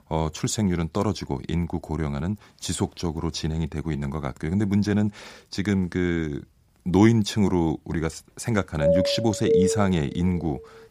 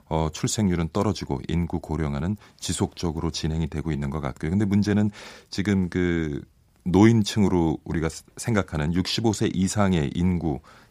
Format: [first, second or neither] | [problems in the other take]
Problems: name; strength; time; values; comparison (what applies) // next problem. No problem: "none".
second | doorbell; loud; from 9 to 10 s; peak 3 dB above the speech